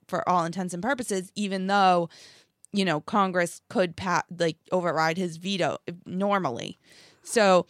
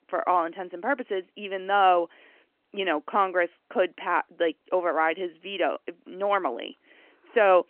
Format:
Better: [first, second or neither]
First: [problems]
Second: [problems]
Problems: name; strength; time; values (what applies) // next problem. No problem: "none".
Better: first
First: none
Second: phone-call audio